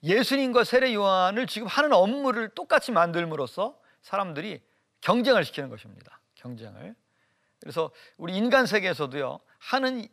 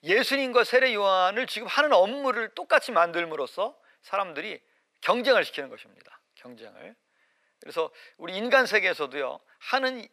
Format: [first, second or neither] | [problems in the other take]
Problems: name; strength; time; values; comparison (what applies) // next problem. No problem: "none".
first | thin; somewhat; fading below 400 Hz